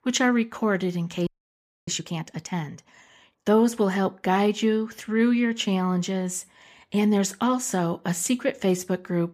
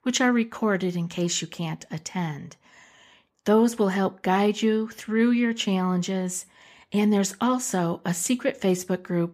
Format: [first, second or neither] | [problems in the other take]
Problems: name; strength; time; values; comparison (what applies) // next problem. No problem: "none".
second | audio freezing; at 1.5 s for 0.5 s